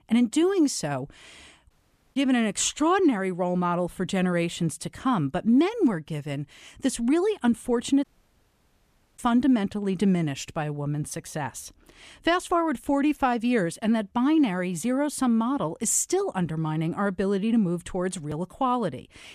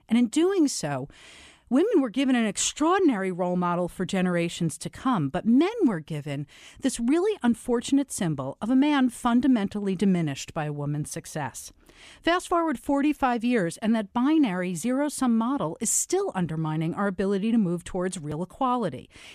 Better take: second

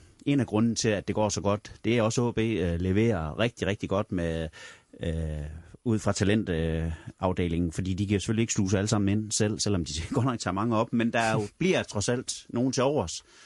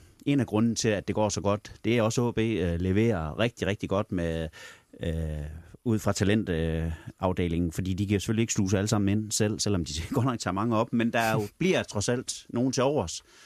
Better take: second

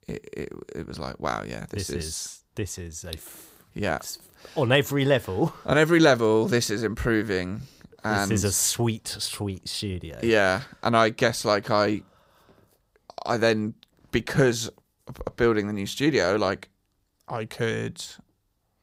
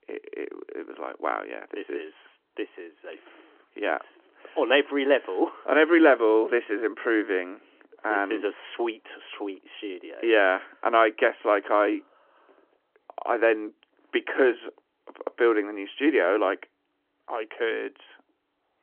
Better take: first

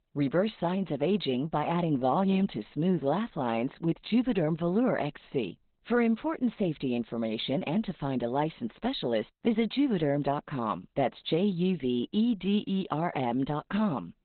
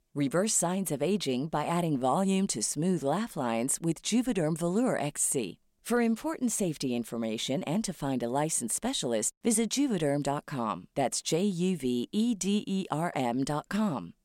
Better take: second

